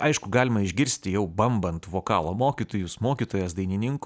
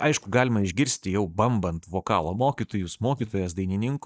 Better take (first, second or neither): first